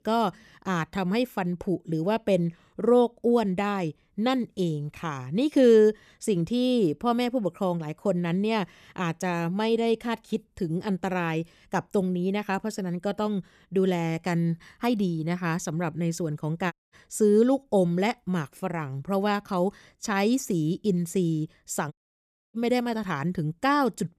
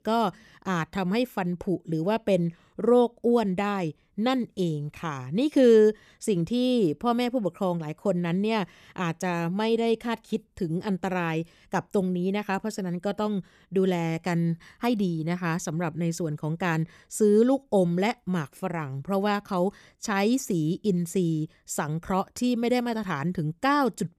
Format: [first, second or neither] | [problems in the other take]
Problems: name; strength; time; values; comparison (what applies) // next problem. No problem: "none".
second | audio cutting out; at 17 s and at 22 s for 0.5 s